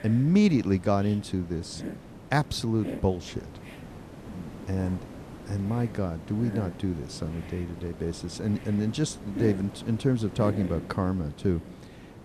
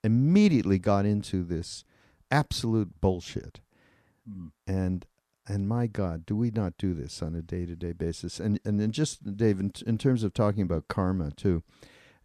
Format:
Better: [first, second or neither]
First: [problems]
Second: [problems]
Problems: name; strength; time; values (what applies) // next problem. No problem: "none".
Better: second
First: hiss; noticeable; throughout; 10 dB below the speech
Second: none